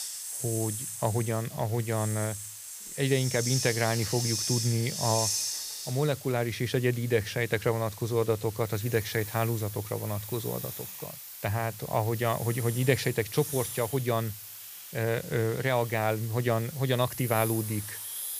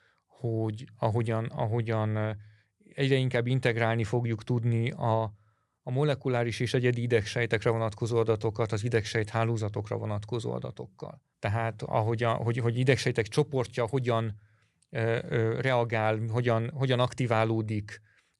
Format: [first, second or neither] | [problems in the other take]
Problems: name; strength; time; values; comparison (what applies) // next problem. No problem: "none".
second | hiss; loud; throughout; 6 dB below the speech